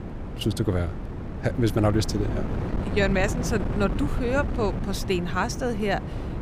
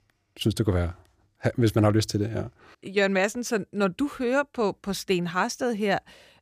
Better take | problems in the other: second | wind noise on the microphone; heavy; 9 dB below the speech

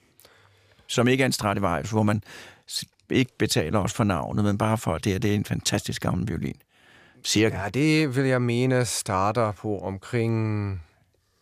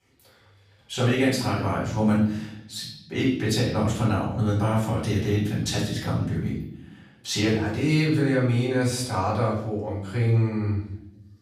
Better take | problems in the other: first | off-mic speech; far // room echo; noticeable; dies away in 0.8 s

